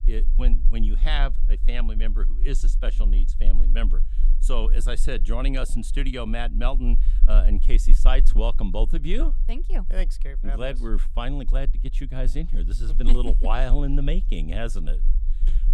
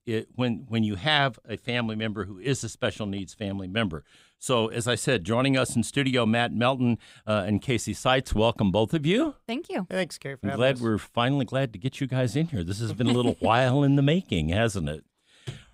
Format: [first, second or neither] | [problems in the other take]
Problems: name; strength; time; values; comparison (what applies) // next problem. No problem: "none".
second | low rumble; noticeable; throughout; 20 dB below the speech